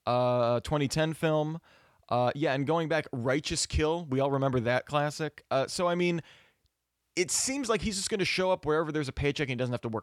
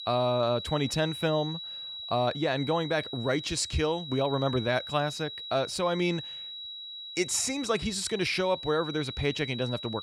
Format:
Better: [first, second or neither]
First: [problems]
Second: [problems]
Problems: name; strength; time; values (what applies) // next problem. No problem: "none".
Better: first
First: none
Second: high-pitched whine; loud; throughout; 4 kHz, 9 dB below the speech